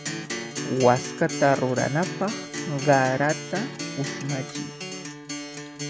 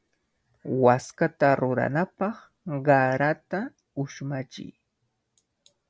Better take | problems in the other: second | background sound (Acoustic guitar); 7 dB below the speech

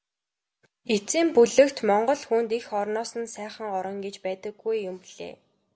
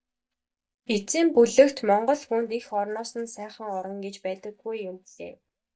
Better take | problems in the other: first | noise reduction (neural mask model DeepFilterNet 3)

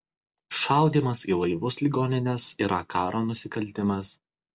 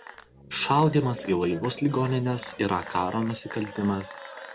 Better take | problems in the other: first | background sound (Applause / Cheering / Clapping + Animal); 15 dB below the speech

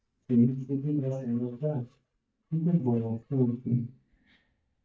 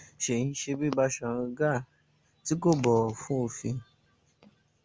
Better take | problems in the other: second | noise reduction (neural mask model DeepFilterNet 3)

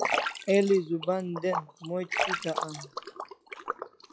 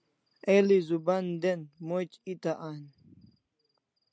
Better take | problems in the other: second | noise reduction (classical method log-MMSE)

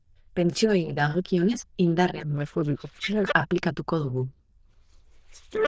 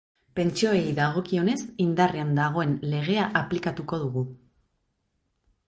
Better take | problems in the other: second | noise reduction (neural diffusion model UNIVERSE++)

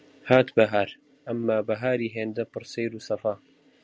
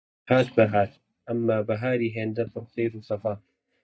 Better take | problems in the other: first | noise reduction (neural mask model DeepFilterNet 3)

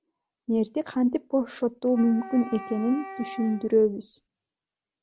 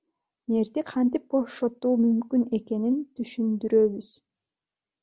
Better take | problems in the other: second | background sound (Wind instrument, woodwind instrument); 15 dB below the speech

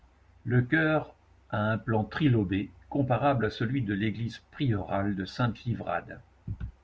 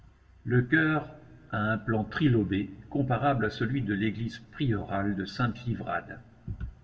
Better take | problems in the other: first | room echo; dies away in 1.4 s

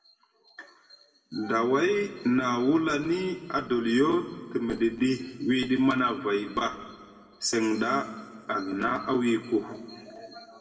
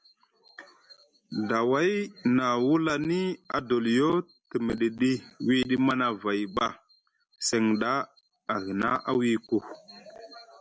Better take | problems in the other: second | room echo; dies away in 1.6 s

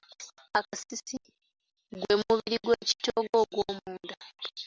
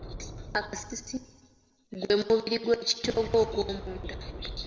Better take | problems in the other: first | background sound (Boom); 12 dB below the speech // room echo; dies away in 1.3 s

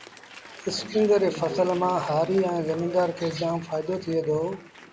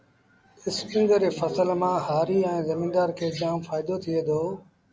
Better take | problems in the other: second | background sound (Applause / Crowd); 19 dB below the speech

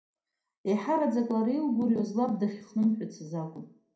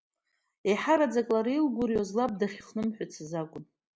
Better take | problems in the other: second | room echo; dies away in 0.4 s

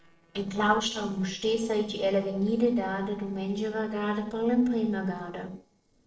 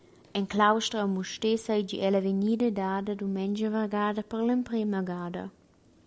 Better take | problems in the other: second | noise reduction (neural separator model SepFormer DNS4)

